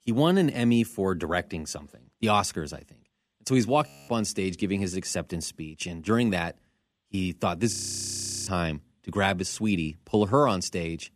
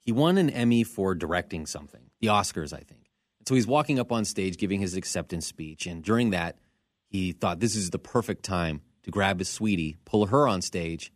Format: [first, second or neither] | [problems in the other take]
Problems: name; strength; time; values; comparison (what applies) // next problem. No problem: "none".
second | audio freezing; at 4 s and at 7.5 s for 0.5 s